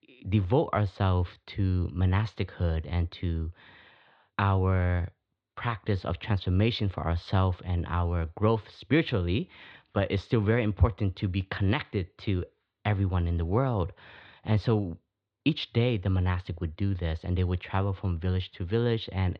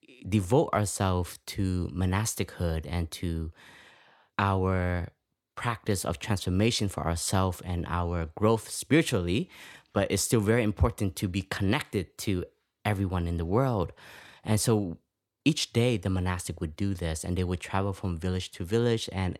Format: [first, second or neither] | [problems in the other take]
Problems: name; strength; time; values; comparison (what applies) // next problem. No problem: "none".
second | muffled; slightly; fading above 4 kHz